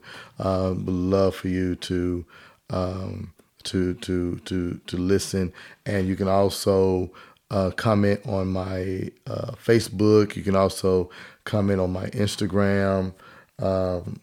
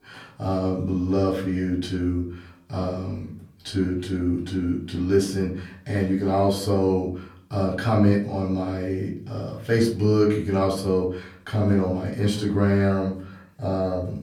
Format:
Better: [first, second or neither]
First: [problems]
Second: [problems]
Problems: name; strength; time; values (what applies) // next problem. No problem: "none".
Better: first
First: none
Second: off-mic speech; far // room echo; slight; dies away in 0.5 s